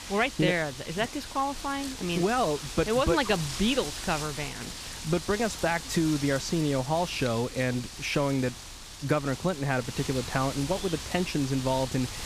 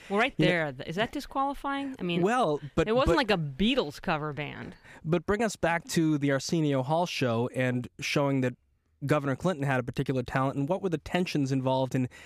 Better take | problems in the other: second | wind noise on the microphone; heavy; 9 dB below the speech

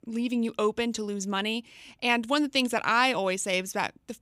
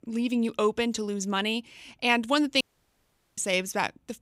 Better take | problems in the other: first | audio cutting out; at 2.5 s for 1 s

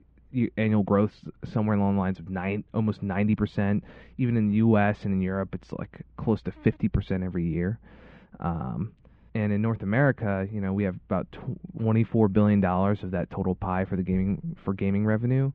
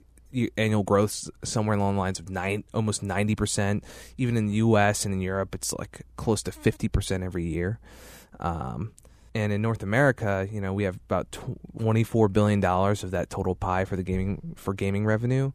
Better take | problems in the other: second | muffled; very; fading above 3 kHz

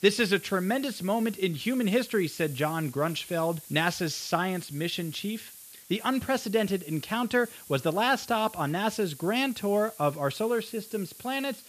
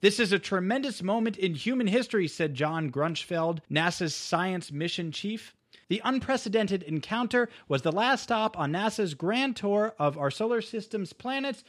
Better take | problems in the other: second | hiss; noticeable; throughout; 15 dB below the speech

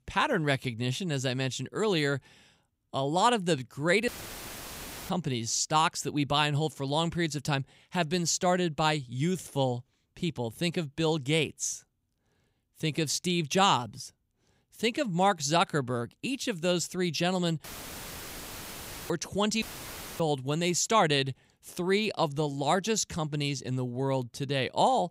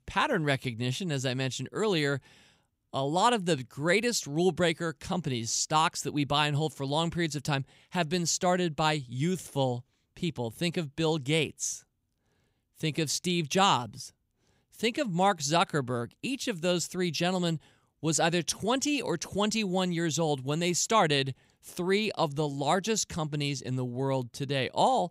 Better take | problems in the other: second | audio cutting out; filled with static; at 4 s for 1 s, at 18 s for 1.5 s and at 20 s for 0.5 s

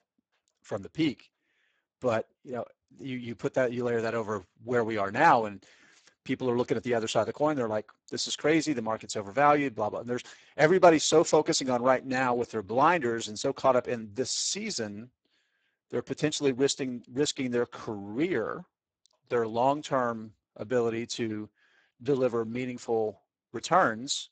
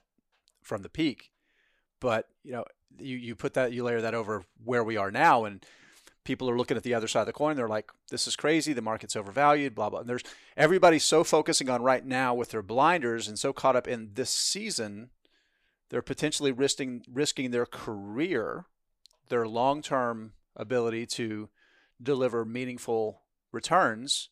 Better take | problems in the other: second | garbled, watery; badly; nothing above 7.5 kHz

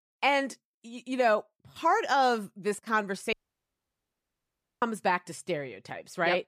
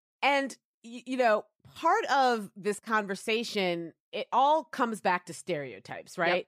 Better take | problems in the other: second | audio cutting out; at 3.5 s for 1.5 s

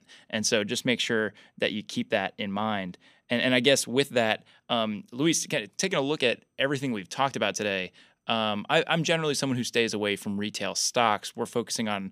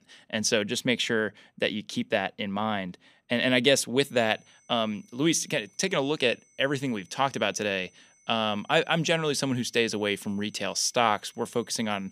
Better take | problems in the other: first | high-pitched whine; faint; from 4 s on; 6 kHz, 35 dB below the speech

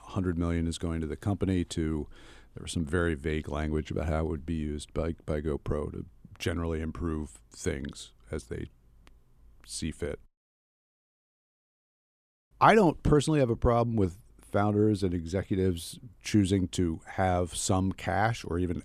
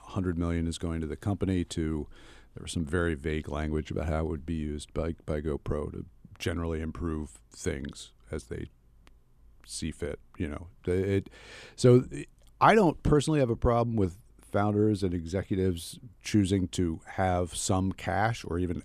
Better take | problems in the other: second | audio cutting out; at 10 s for 2.5 s

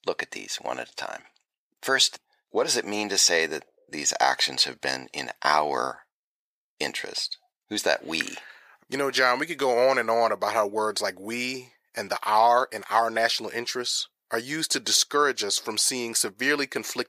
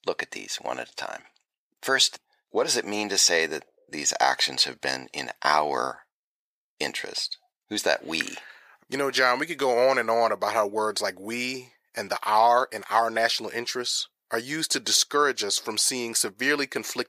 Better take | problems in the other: neither | thin; very; fading below 550 Hz; the same in both

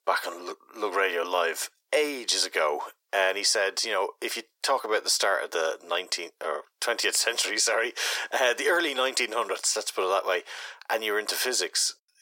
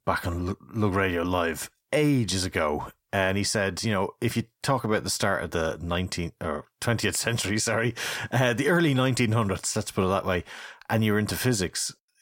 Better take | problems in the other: second | thin; very; fading below 400 Hz

